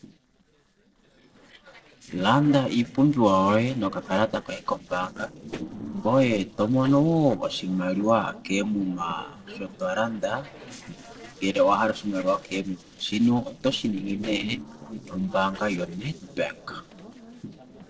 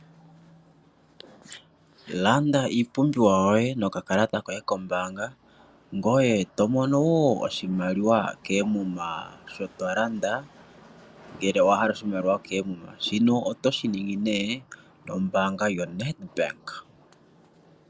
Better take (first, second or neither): second